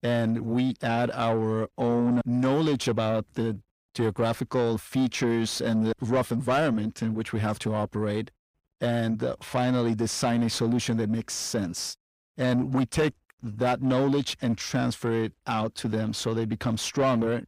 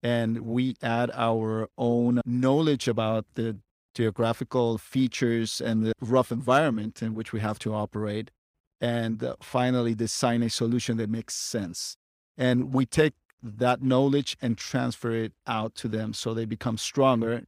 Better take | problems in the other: second | distortion; slight; 10 dB below the speech

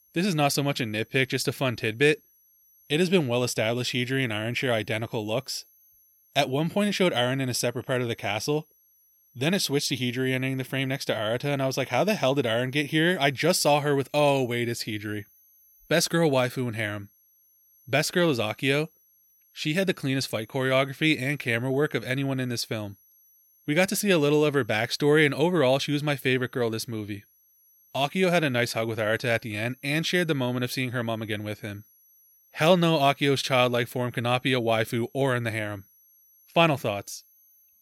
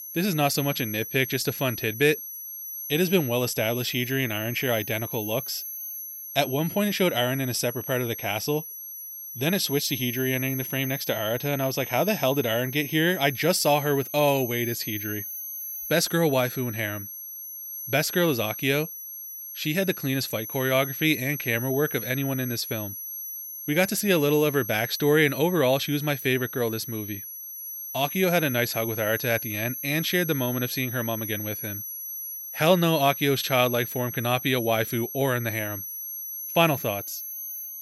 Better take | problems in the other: first | high-pitched whine; loud; throughout; 11.5 kHz, 8 dB below the speech; faint in the first

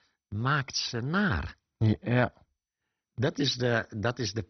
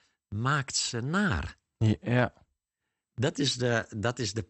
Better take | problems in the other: second | garbled, watery; badly; nothing above 6 kHz; slightly in the second

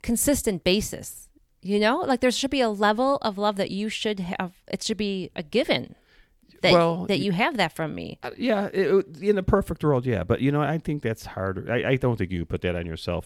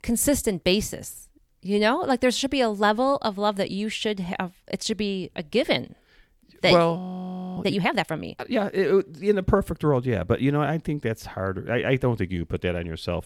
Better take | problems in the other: first | audio freezing; at 7 s for 0.5 s

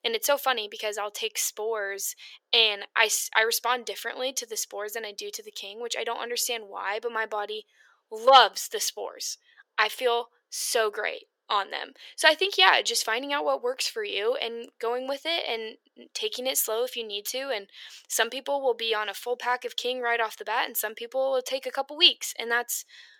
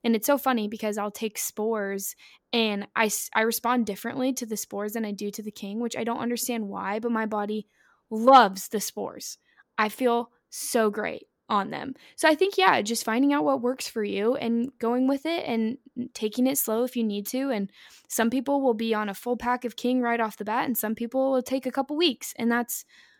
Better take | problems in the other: second | thin; very; fading below 450 Hz

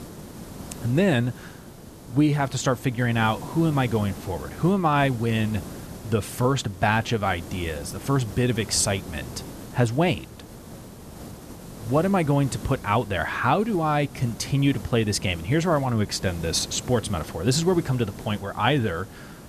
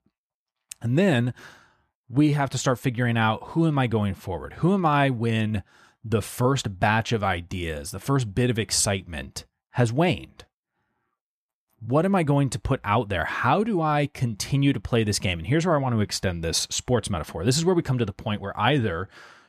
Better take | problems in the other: second | hiss; noticeable; throughout; 15 dB below the speech

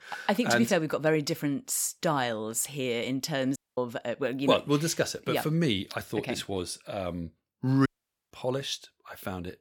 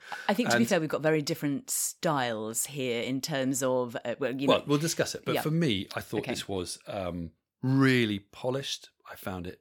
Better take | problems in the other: second | audio cutting out; at 3.5 s and at 8 s

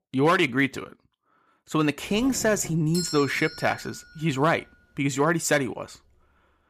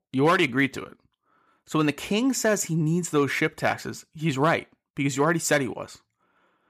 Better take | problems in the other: second | doorbell; noticeable; from 2 to 4 s; peak 7 dB below the speech

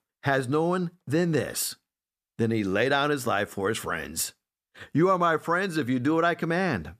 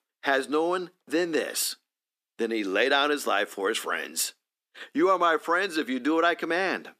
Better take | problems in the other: first | thin; very slightly; fading below 250 Hz

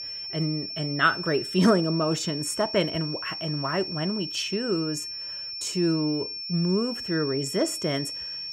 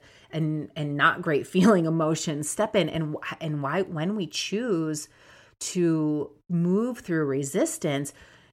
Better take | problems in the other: second | high-pitched whine; loud; throughout; 5.5 kHz, 5 dB below the speech

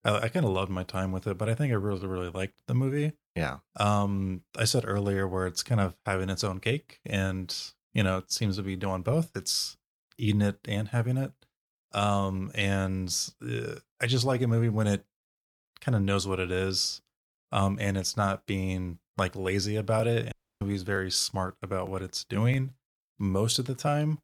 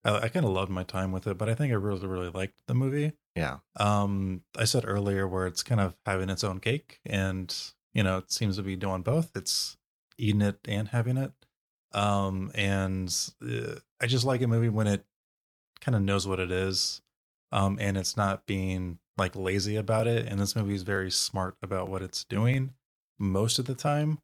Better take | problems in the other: second | audio cutting out; at 20 s

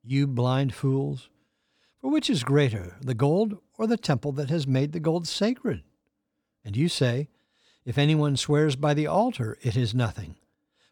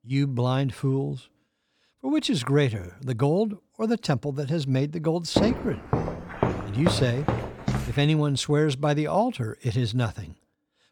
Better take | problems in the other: first | footsteps; noticeable; from 5.5 to 8 s; peak level with the speech

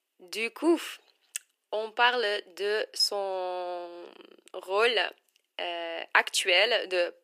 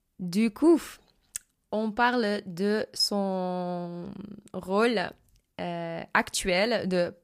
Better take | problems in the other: second | thin; very; fading below 350 Hz

